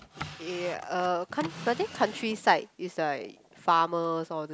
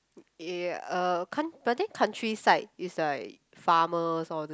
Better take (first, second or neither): second